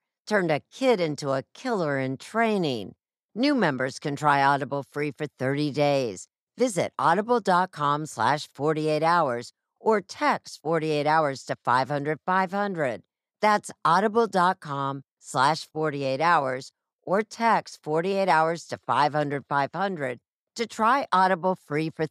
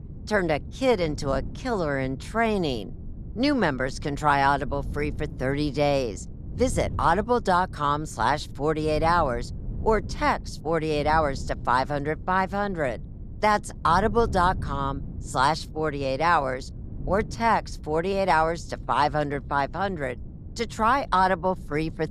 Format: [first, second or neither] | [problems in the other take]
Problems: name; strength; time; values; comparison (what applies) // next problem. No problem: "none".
first | wind noise on the microphone; occasional gusts; 25 dB below the speech